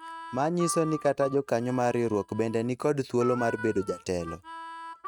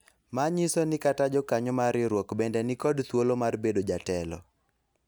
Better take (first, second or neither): second